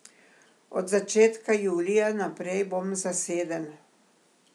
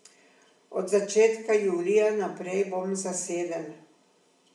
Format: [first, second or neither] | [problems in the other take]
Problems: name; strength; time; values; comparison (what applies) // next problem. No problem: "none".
first | room echo; dies away in 0.6 s